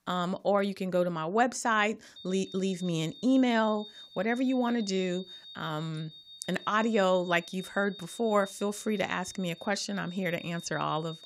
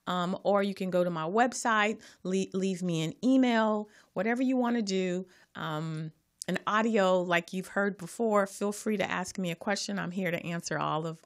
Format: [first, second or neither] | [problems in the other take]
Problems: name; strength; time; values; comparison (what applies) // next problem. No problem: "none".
second | high-pitched whine; noticeable; from 2 s on; 3.5 kHz, 15 dB below the speech